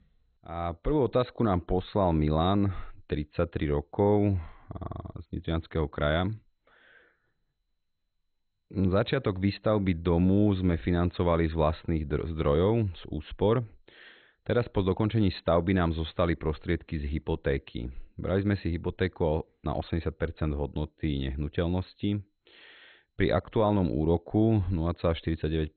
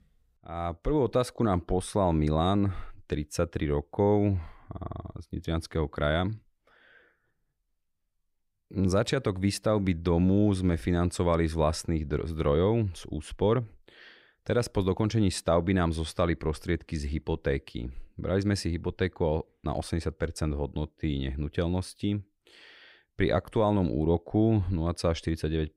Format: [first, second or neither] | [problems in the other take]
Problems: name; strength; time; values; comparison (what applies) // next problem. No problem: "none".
second | garbled, watery; badly; nothing above 4 kHz